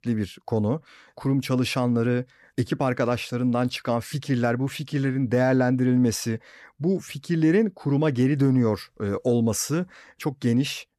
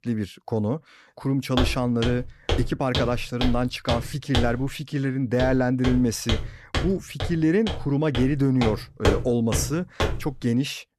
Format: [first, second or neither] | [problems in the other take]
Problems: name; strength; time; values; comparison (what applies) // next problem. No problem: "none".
first | footsteps; loud; from 1.5 to 10 s; peak 1 dB above the speech